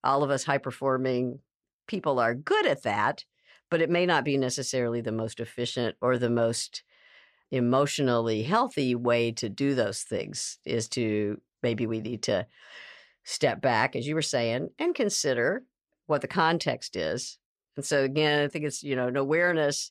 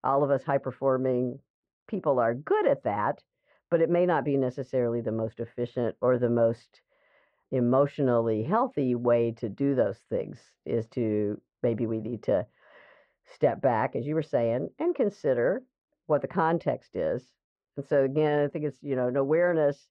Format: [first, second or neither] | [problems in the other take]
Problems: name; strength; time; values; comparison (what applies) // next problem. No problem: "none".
first | muffled; very; fading above 3 kHz